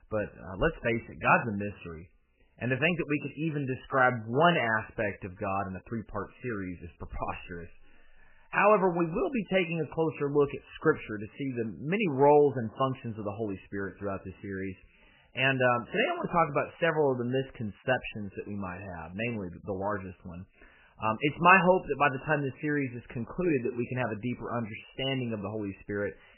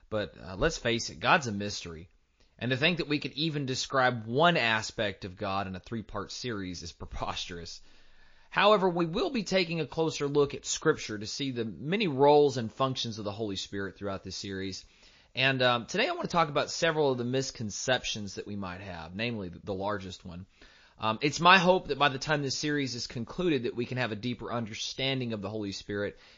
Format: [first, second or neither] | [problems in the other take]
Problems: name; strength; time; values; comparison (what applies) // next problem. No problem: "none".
second | garbled, watery; badly; nothing above 3 kHz; slightly in the second